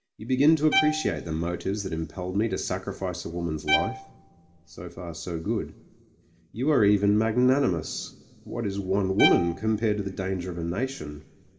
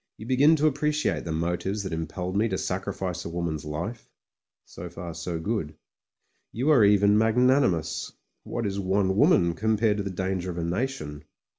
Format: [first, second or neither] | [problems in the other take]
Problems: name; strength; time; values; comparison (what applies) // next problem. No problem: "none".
second | background sound (Bowed string instrument); 8 dB below the speech // room echo; dies away in 1.1 s